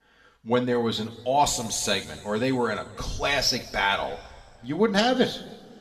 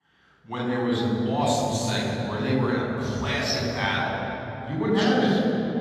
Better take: first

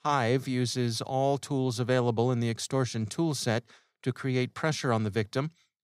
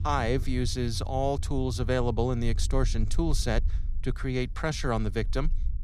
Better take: first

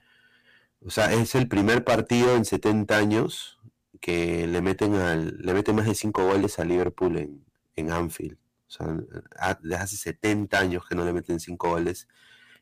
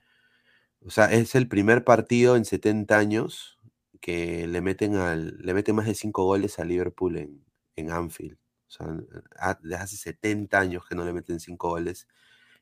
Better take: second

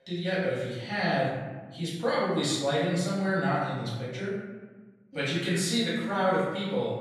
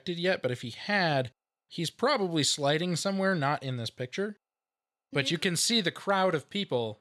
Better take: second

